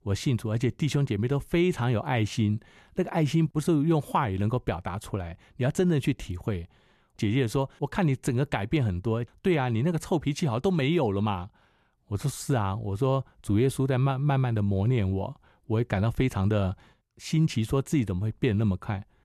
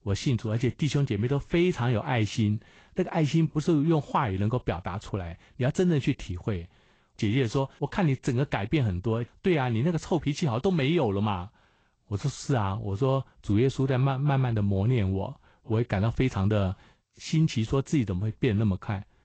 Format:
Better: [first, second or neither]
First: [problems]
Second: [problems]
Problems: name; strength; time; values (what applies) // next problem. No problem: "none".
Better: first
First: none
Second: garbled, watery; slightly; nothing above 8 kHz